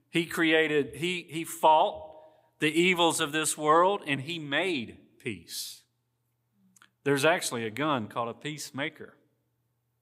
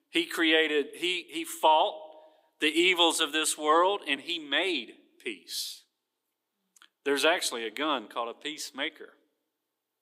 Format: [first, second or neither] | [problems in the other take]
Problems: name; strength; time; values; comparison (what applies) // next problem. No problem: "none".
first | thin; very slightly; fading below 300 Hz